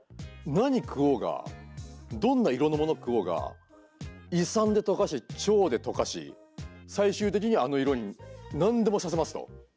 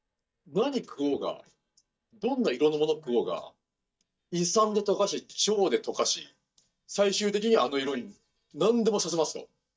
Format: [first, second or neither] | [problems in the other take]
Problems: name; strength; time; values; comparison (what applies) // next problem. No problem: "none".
first | noise reduction (neural mask model DeepFilterNet 3)